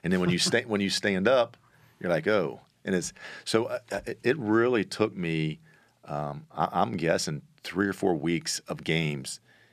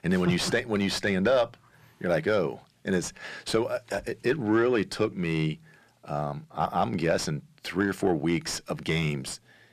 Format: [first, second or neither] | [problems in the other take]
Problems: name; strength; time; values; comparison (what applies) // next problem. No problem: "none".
first | distortion; slight; 10 dB below the speech